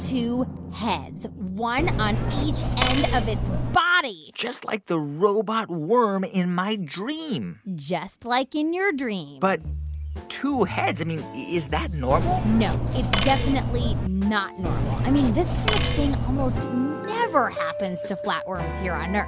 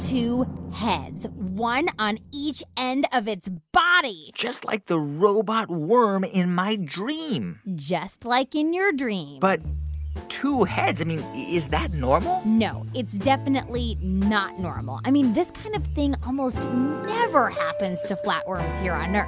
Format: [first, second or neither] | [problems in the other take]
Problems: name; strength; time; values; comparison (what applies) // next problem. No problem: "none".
second | background sound (Cutlery, silverware); 1 dB above the speech